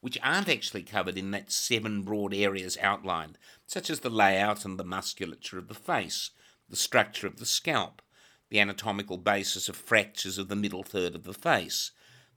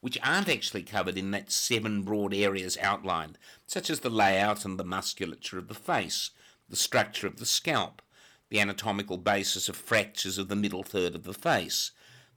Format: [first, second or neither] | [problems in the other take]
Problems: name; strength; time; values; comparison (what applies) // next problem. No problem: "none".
first | distortion; slight; 10 dB below the speech